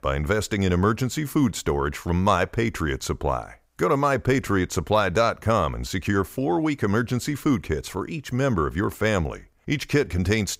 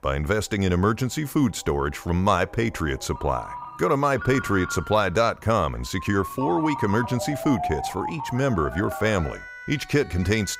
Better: first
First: none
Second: alarms or sirens; loud; throughout; 10 dB below the speech

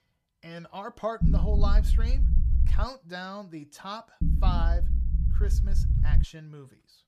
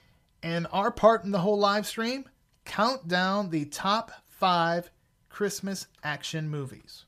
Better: second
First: low rumble; loud; from 1 to 3 s and from 4 to 6 s; 6 dB below the speech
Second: none

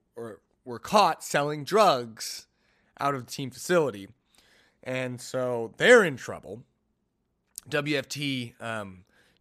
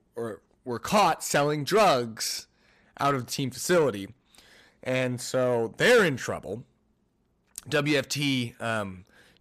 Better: first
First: none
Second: distortion; heavy; 7 dB below the speech

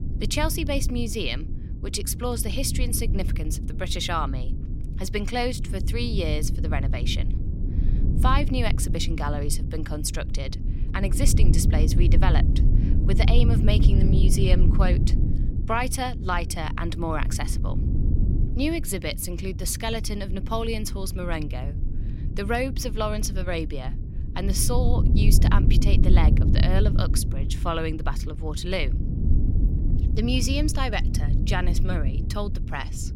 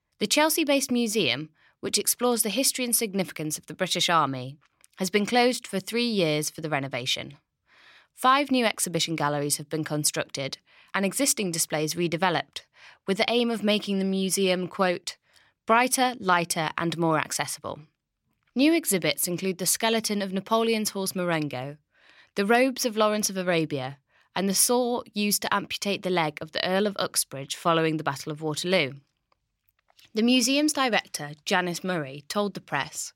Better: second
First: low rumble; loud; throughout; 9 dB below the speech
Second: none

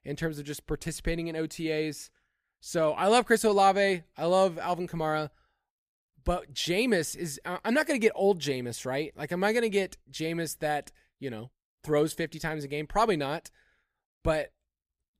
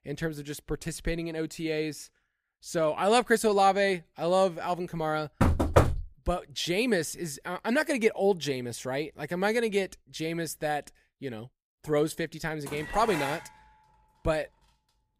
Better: first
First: none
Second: door banging; loud; at 5.5 s; peak 6 dB above the speech // clattering dishes; noticeable; at 13 s; peak 5 dB below the speech

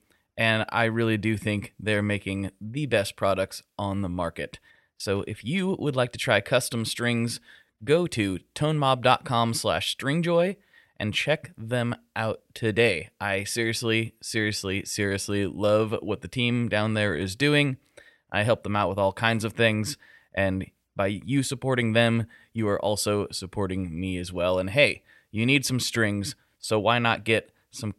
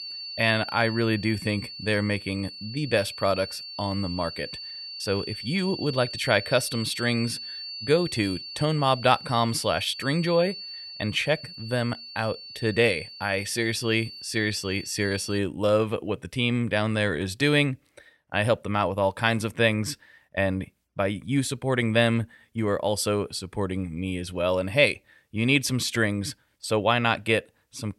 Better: first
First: none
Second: high-pitched whine; noticeable; until 15 s; 4.5 kHz, 10 dB below the speech

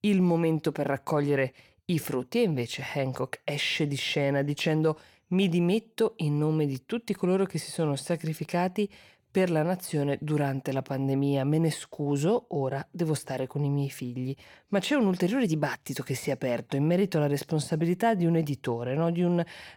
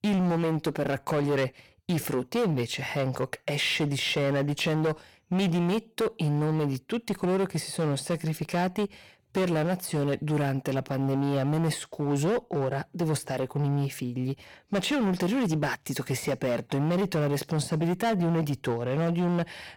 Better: first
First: none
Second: distortion; slight; 17% of the sound clipped

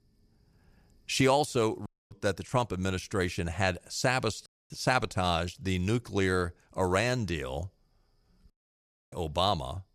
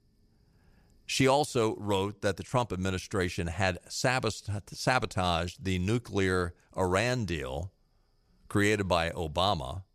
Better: second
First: audio cutting out; at 2 s, at 4.5 s and at 8.5 s for 0.5 s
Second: none

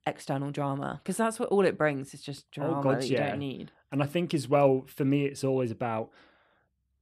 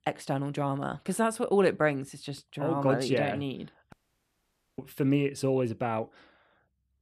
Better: first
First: none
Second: audio cutting out; at 4 s for 1 s

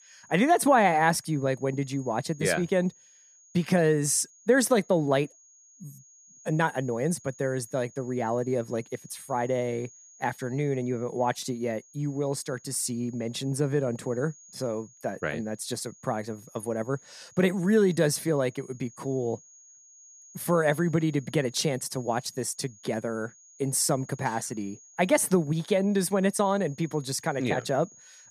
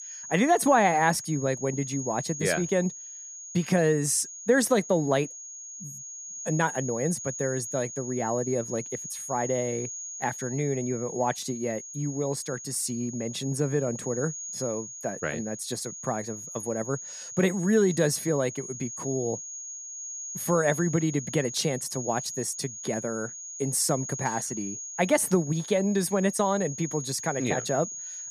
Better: first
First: high-pitched whine; faint; throughout; 6.5 kHz, 25 dB below the speech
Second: high-pitched whine; loud; throughout; 6.5 kHz, 9 dB below the speech

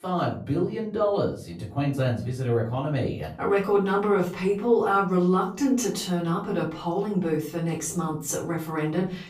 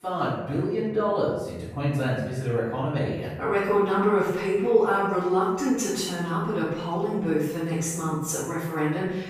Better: first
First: room echo; slight; dies away in 0.5 s // off-mic speech; far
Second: room echo; strong; dies away in 0.9 s // off-mic speech; far

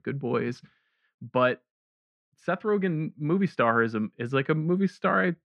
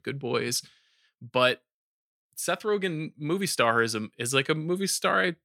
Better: second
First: muffled; very; fading above 1.5 kHz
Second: none

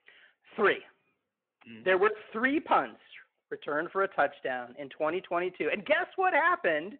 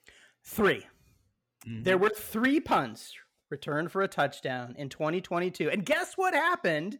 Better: second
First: phone-call audio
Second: none

